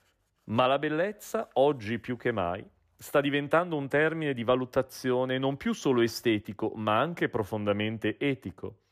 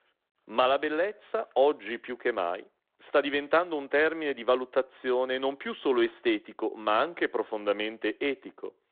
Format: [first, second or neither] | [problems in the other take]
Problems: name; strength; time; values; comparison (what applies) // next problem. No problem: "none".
first | phone-call audio